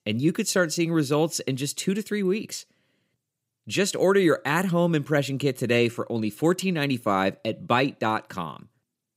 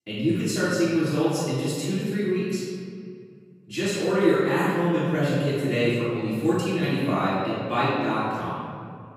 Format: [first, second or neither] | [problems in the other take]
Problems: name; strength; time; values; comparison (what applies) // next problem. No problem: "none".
first | off-mic speech; far // room echo; strong; dies away in 2.3 s